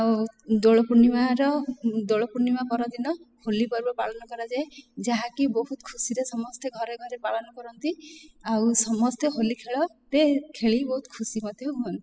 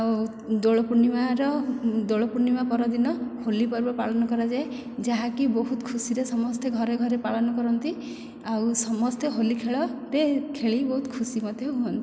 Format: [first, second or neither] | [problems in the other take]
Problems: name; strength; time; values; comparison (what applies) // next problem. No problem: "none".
second | noise reduction (classical method spectral subtraction)